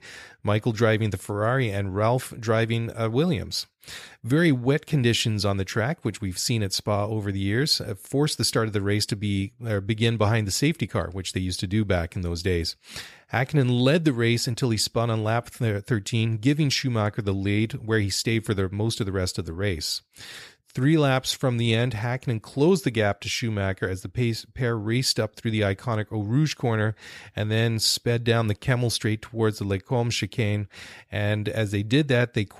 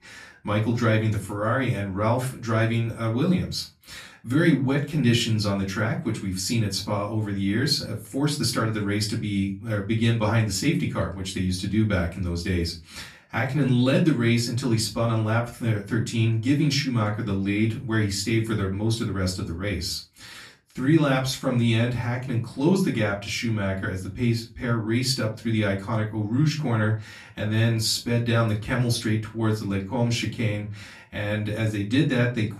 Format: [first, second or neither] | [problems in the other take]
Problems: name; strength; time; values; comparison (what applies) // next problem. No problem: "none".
first | off-mic speech; far // room echo; very slight; dies away in 0.3 s